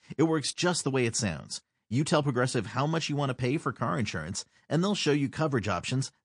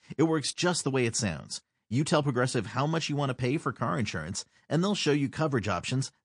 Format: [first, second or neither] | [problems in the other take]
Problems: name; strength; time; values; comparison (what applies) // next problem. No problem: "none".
neither | garbled, watery; slightly; nothing above 8.5 kHz; the same in both